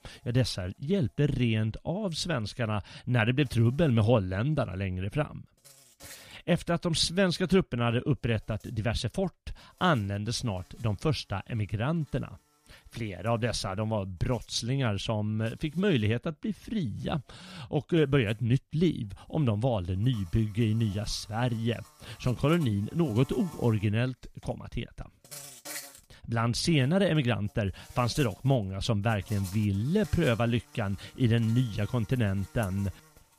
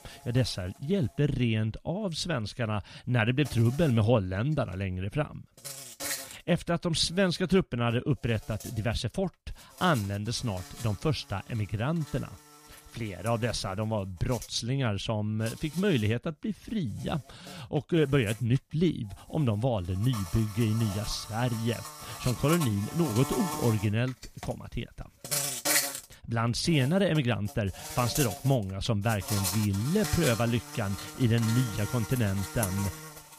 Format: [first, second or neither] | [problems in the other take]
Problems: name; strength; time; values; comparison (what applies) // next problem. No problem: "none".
first | animal sounds; loud; throughout; 7 dB below the speech; faint in the first